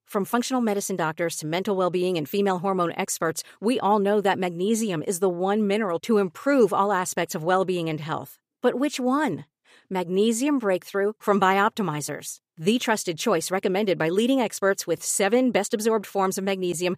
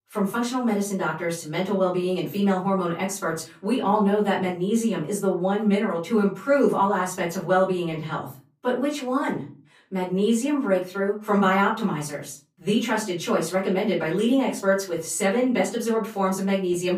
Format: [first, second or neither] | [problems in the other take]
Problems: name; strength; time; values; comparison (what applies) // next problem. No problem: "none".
first | off-mic speech; far // room echo; slight; dies away in 0.3 s